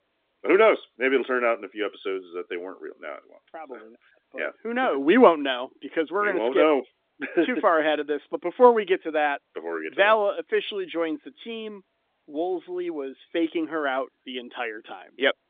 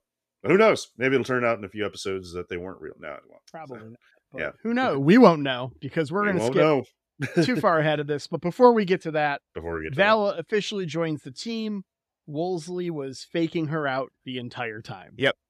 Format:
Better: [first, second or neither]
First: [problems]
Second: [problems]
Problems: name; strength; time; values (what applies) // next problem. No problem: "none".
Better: second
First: phone-call audio; nothing above 3.5 kHz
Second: none